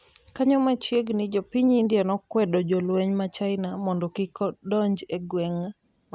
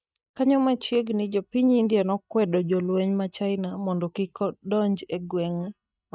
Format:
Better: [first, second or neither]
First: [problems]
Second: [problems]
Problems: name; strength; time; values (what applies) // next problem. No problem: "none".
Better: first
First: none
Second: noise reduction (neural mask model DeepFilterNet 3)